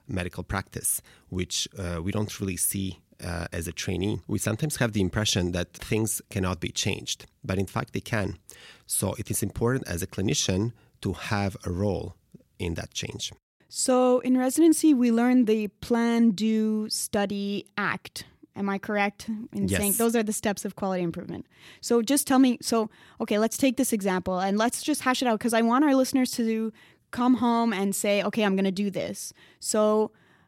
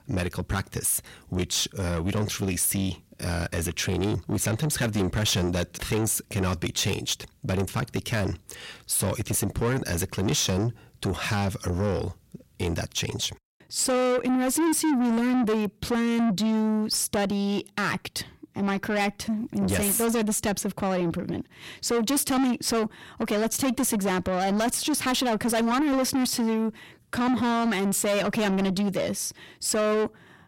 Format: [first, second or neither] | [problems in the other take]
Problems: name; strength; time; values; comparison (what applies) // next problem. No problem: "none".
first | distortion; heavy; 7 dB below the speech